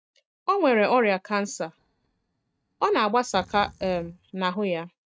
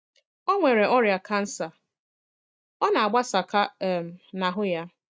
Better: second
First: noise reduction (neural mask model RNNoise)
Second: none

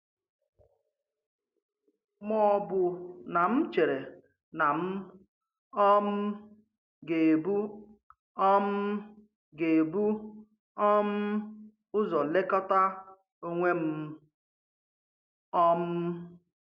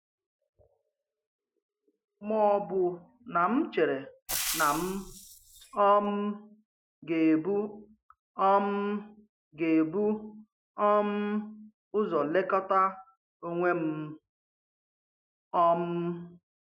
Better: first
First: none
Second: noise reduction (classical method Wiener filter)

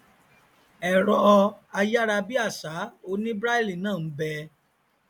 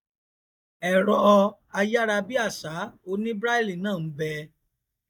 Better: first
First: none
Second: noise reduction (neural mask model DeepFilterNet 3)

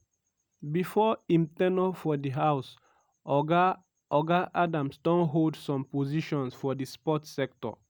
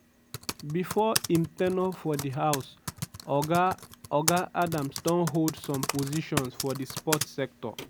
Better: first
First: none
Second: background sound (Typing); 7 dB below the speech

